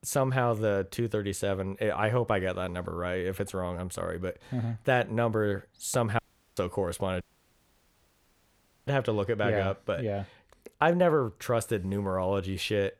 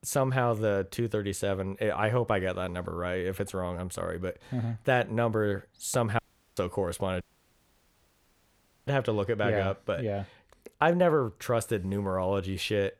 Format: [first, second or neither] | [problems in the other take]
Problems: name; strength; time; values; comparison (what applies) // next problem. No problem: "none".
neither | audio cutting out; at 6 s and at 7 s for 1.5 s; the same in both